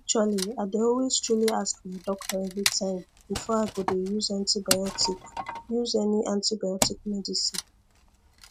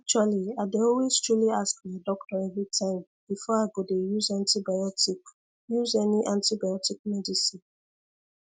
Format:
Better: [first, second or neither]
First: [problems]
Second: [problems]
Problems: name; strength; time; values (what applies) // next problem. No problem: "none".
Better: second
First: background sound (Wood); 8 dB below the speech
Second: none